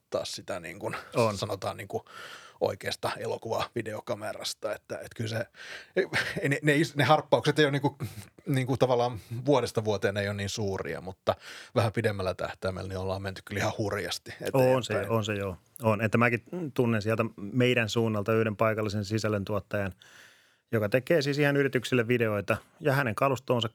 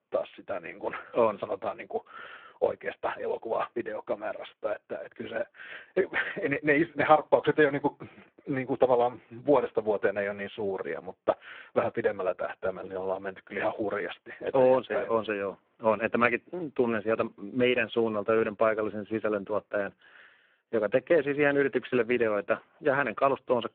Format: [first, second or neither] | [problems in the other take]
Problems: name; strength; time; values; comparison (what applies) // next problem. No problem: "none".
first | phone-call audio; poor line